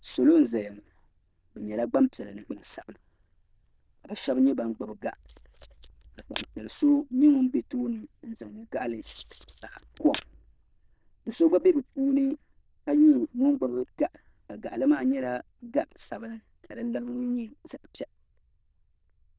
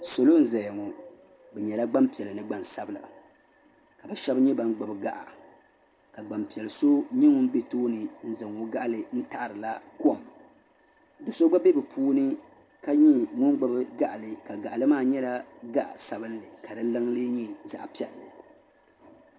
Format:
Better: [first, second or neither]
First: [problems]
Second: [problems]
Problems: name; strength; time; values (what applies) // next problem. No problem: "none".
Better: second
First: noise reduction (neural diffusion model UNIVERSE++)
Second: none